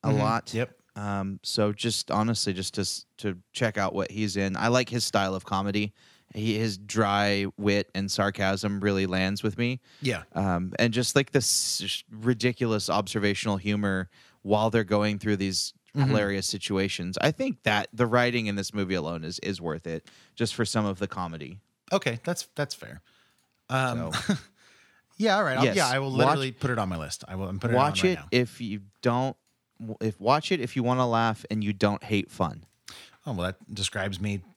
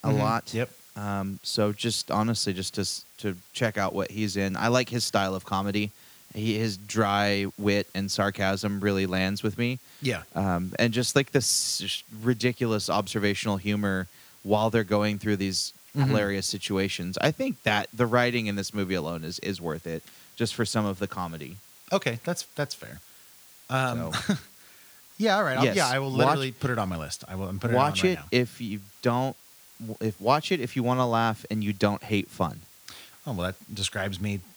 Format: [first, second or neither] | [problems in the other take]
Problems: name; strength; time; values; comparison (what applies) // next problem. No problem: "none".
first | hiss; faint; throughout; 25 dB below the speech